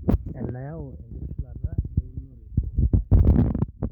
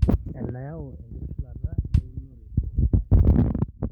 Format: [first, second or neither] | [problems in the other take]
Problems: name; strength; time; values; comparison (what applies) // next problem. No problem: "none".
first | background sound (Bass drum); 9 dB below the speech